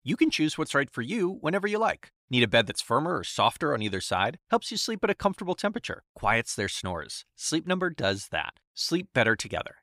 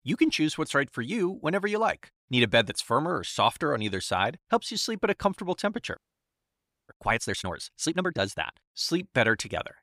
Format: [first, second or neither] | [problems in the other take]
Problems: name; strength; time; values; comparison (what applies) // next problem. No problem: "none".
first | audio freezing; at 6 s for 1 s